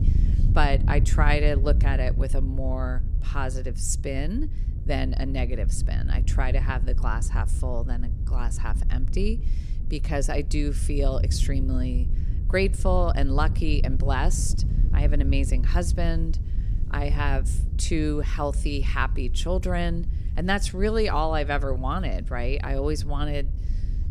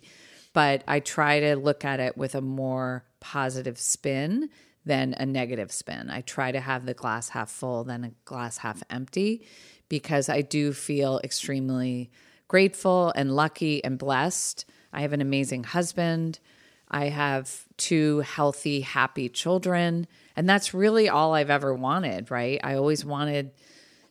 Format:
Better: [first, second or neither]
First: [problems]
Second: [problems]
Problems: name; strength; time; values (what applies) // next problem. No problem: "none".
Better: second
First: wind noise on the microphone; occasional gusts; 15 dB below the speech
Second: none